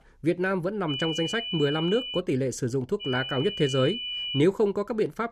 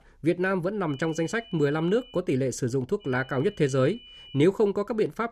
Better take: second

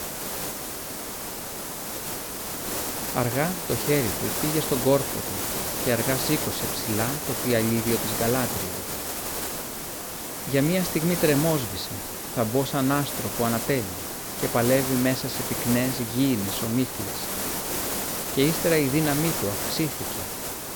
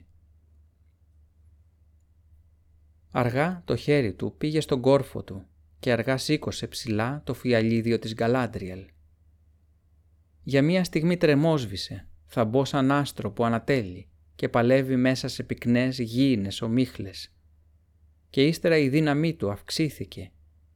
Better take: second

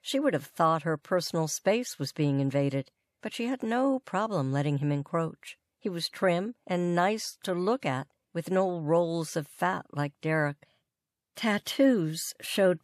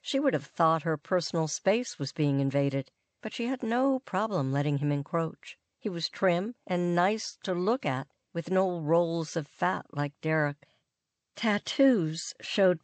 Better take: first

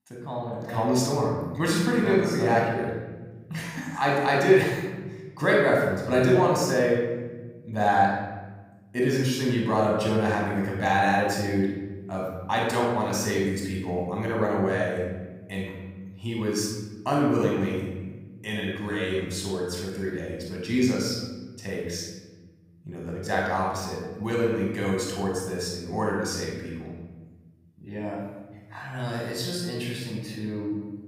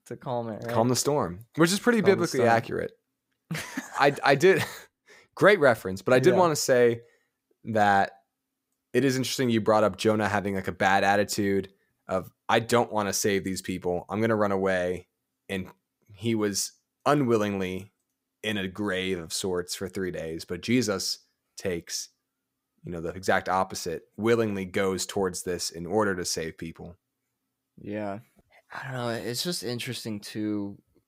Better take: second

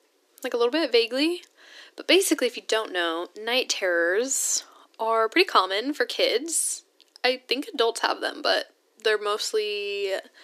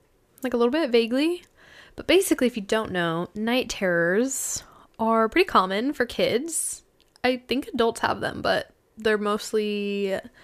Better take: second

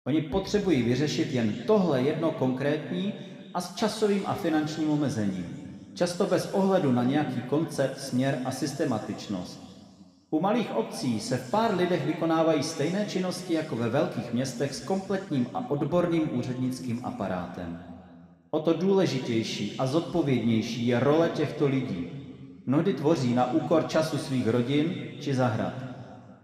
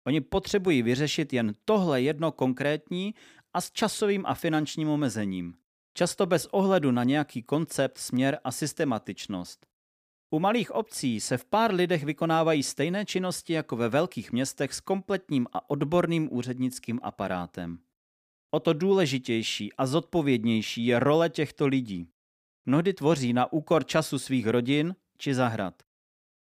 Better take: second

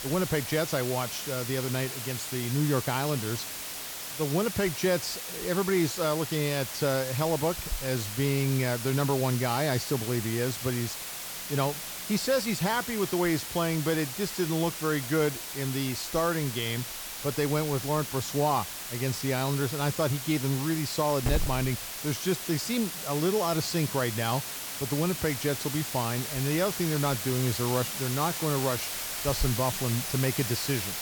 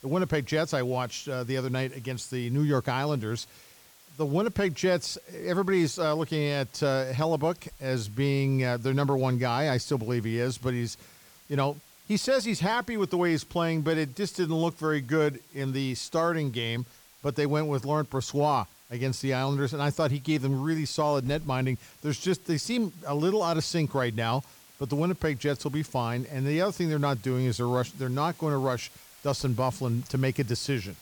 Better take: second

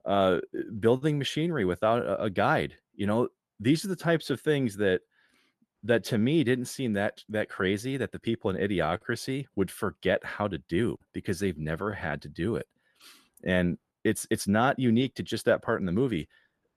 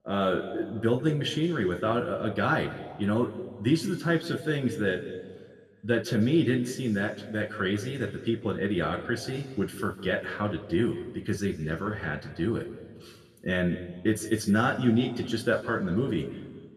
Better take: first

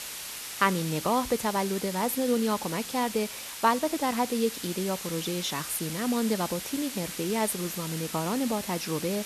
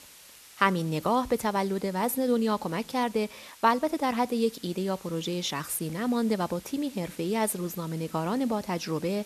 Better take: second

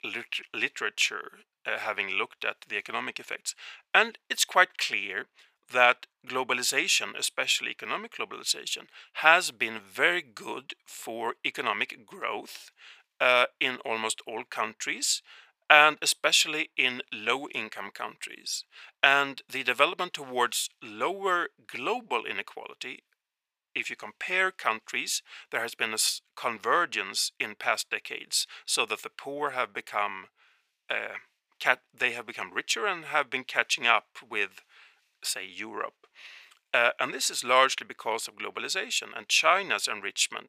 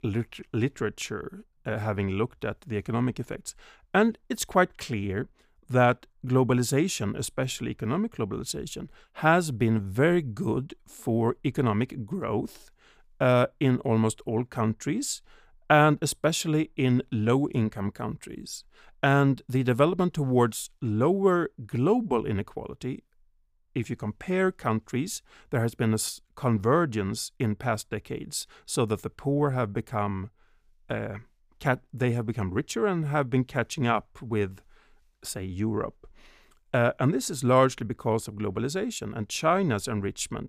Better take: second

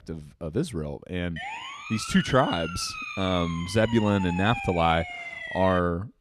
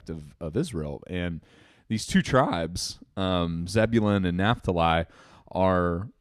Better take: second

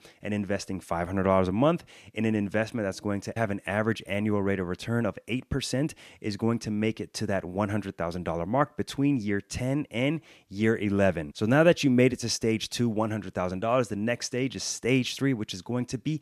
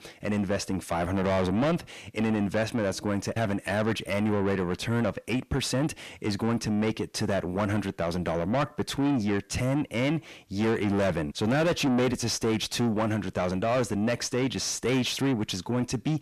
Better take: first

